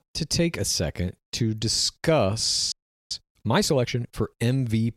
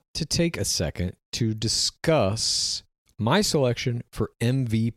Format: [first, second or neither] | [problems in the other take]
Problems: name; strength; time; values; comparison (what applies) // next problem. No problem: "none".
second | audio freezing; at 2.5 s